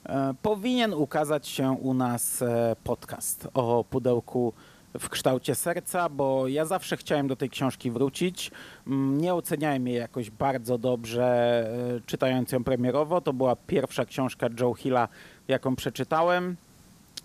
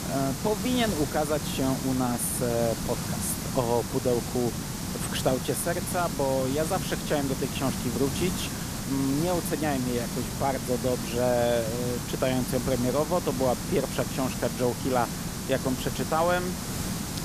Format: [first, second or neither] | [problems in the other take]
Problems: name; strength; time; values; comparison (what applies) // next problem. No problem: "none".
first | hiss; loud; throughout; 4 dB below the speech; faint in the first